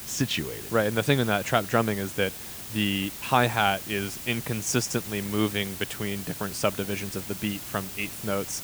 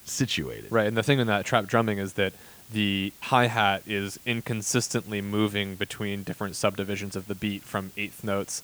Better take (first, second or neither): second